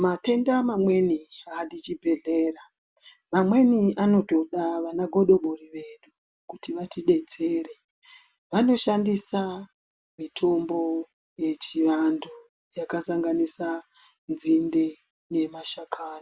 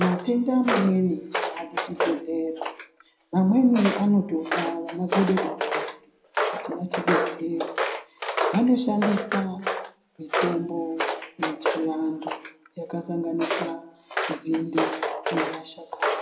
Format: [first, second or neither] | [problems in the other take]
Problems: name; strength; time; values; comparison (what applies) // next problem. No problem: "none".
first | background sound (Walk, footsteps); 3 dB below the speech // room echo; dies away in 0.7 s